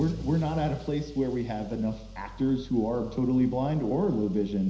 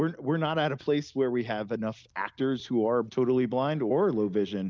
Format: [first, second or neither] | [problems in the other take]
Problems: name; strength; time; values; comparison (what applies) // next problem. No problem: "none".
second | background sound (Engine starting / Accelerating, revving, vroom / Car); 16 dB below the speech // room echo; dies away in 0.9 s